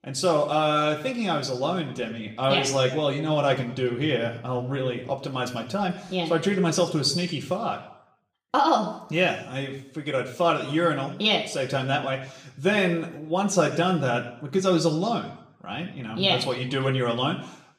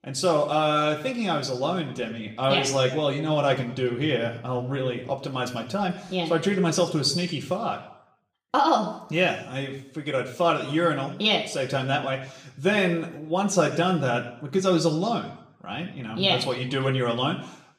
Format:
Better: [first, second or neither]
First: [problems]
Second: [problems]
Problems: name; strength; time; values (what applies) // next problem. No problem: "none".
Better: neither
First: room echo; slight; dies away in 0.6 s // off-mic speech; somewhat distant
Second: room echo; slight; dies away in 0.6 s // off-mic speech; somewhat distant